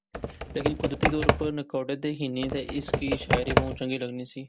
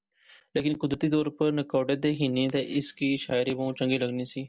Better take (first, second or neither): second